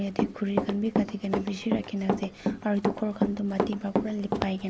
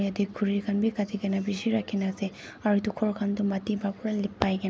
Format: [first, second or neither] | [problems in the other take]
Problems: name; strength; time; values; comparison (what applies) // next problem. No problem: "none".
second | background sound (Run); 1 dB below the speech